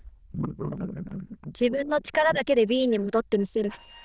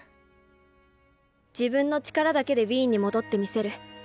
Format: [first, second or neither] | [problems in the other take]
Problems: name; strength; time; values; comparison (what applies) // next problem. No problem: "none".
second | noise reduction (neural diffusion model UNIVERSE++)